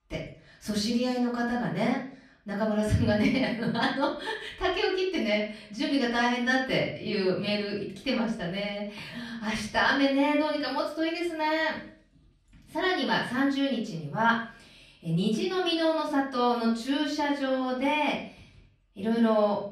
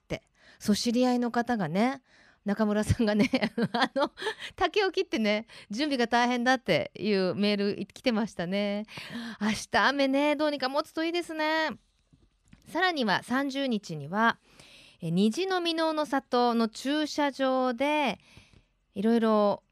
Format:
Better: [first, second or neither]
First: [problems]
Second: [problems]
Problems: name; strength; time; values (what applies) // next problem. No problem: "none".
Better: second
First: off-mic speech; far // room echo; slight; dies away in 0.5 s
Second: none